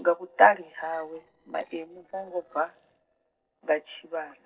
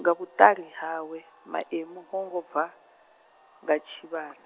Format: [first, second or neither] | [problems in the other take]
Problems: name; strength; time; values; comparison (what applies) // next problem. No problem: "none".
second | noise reduction (neural separator model SepFormer DNS4)